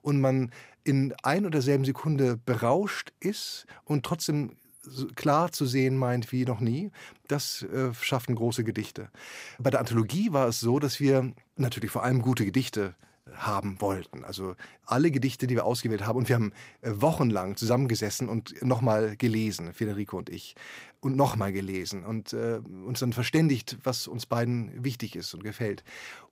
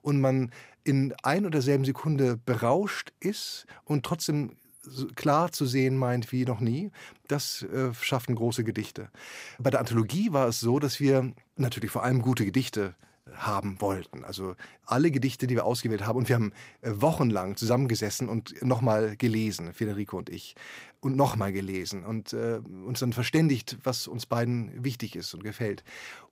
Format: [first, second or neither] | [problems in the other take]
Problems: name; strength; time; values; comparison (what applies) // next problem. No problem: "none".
neither | none